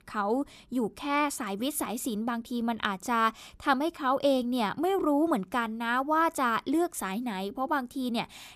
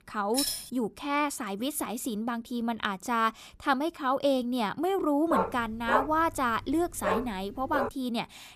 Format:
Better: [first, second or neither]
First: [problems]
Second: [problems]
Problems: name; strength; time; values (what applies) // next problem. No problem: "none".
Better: first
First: none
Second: jangling keys; loud; at 0.5 s; peak level with the speech // dog barking; loud; from 5.5 to 8 s; peak level with the speech